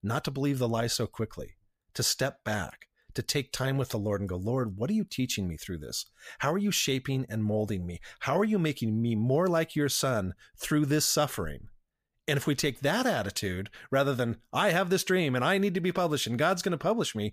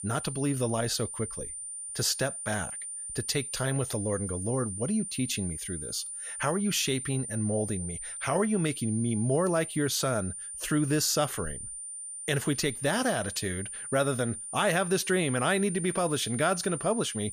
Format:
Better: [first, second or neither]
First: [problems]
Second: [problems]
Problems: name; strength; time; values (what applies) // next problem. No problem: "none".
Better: first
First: none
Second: high-pitched whine; loud; throughout; 9 kHz, 6 dB below the speech